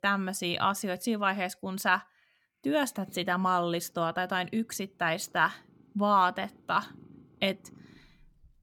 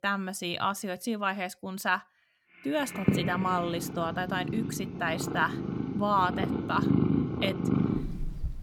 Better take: first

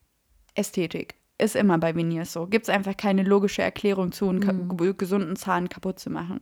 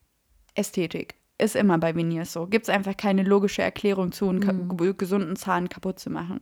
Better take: neither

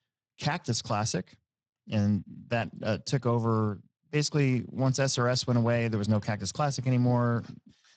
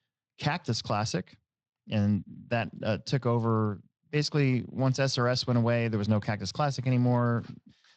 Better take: second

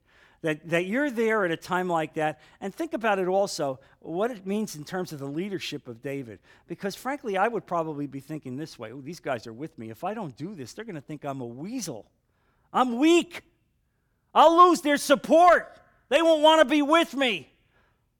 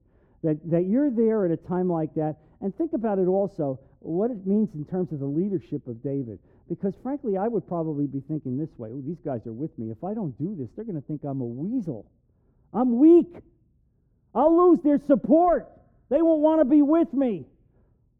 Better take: first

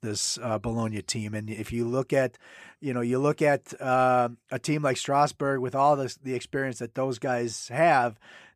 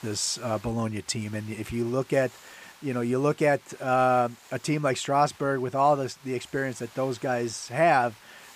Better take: first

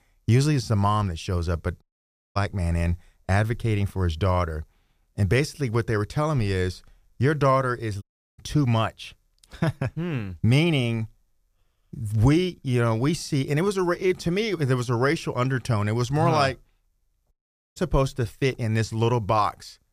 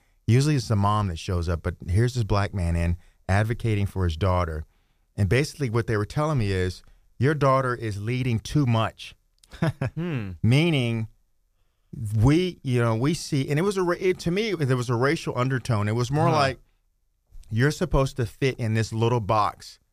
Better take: second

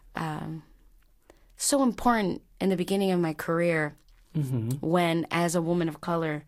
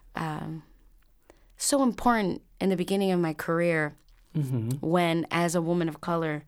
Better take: second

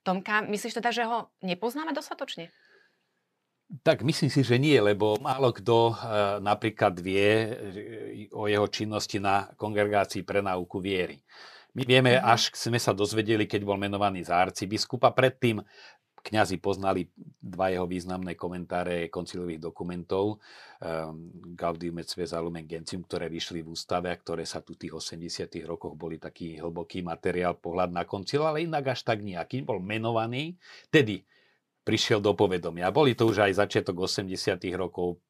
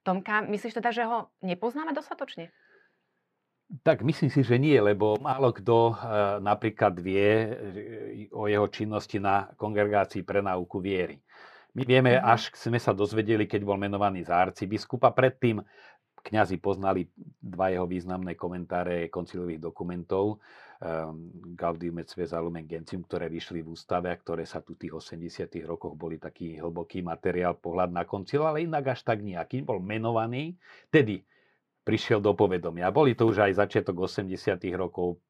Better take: first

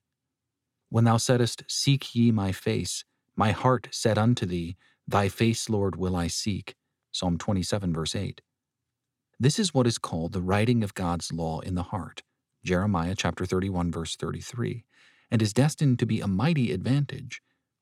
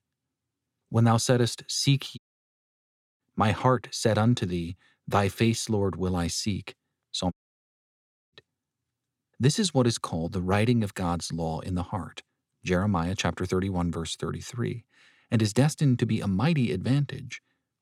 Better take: first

